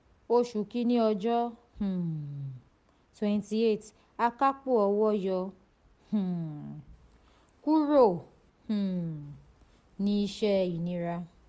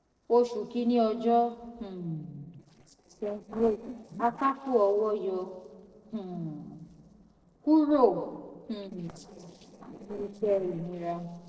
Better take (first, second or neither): first